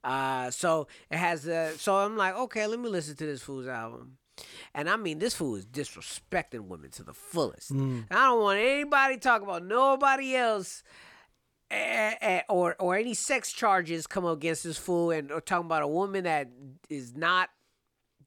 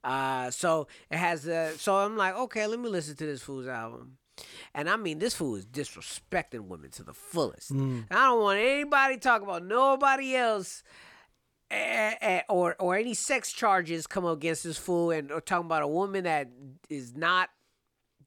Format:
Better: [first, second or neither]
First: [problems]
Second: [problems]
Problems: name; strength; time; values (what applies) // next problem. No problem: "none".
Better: neither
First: none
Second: none